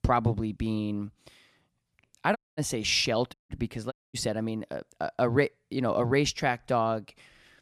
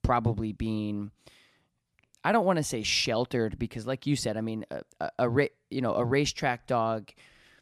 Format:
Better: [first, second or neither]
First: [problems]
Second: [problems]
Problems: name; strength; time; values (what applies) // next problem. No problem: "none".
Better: second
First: audio cutting out; at 2.5 s, at 3.5 s and at 4 s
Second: none